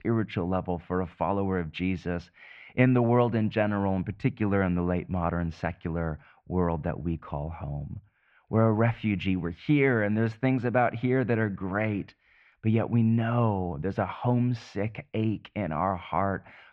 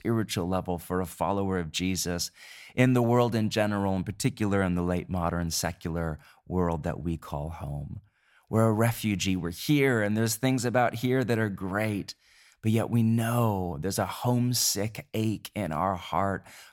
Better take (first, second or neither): second